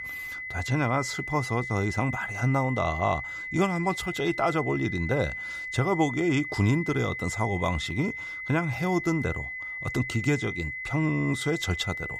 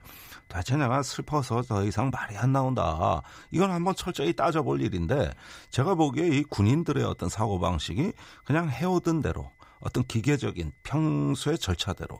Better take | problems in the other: second | high-pitched whine; loud; throughout; 2 kHz, 6 dB below the speech; faint in the second

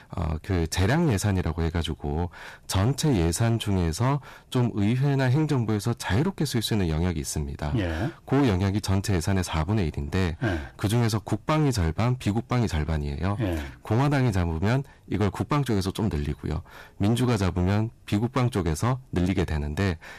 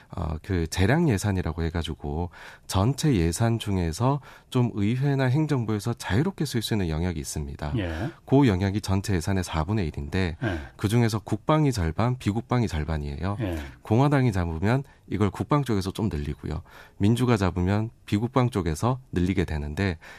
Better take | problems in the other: second | distortion; slight; 11% of the sound clipped

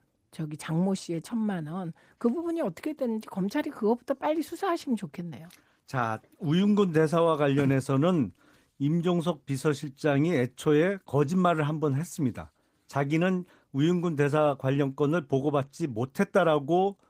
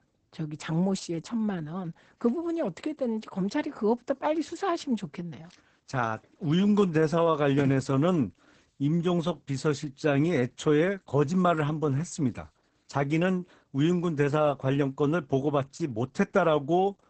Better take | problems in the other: first | garbled, watery; badly; nothing above 8 kHz; slightly in the first

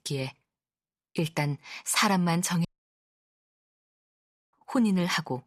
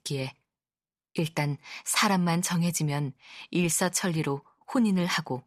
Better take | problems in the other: second | audio cutting out; at 2.5 s for 2 s

